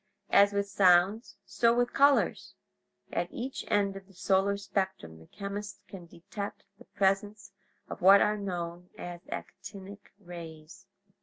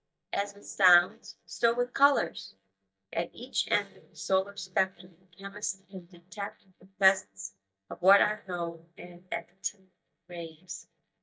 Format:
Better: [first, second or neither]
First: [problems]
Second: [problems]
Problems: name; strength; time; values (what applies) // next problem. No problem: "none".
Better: first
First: none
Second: noise reduction (neural mask model DeepFilterNet 3)